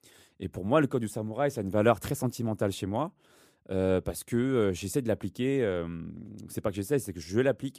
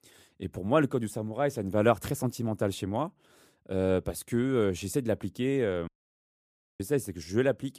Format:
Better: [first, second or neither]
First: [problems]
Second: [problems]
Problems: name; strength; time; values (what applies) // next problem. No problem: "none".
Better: first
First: none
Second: audio cutting out; at 6 s for 1 s